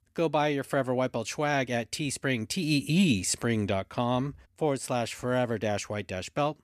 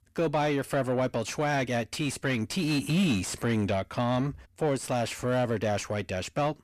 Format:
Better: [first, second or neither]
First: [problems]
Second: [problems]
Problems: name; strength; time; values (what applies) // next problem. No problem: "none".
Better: first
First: none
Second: distortion; slight; 9 dB below the speech